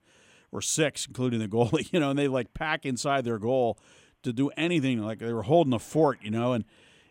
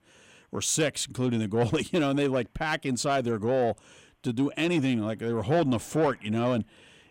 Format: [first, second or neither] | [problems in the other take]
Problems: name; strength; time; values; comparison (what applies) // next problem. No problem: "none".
first | distortion; slight; 10 dB below the speech